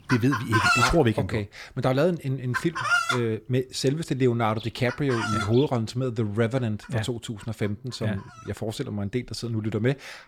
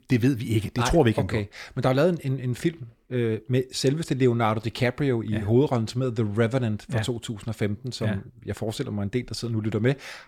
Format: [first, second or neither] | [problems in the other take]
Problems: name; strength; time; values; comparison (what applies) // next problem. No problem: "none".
second | animal sounds; very loud; throughout; as loud as the speech